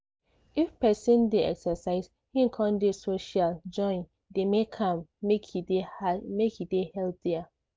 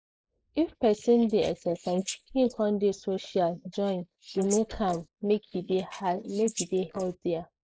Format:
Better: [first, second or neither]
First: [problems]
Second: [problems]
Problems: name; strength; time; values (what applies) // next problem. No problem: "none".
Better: first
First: none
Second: noise reduction (neural mask model Resemble Enhance denoiser)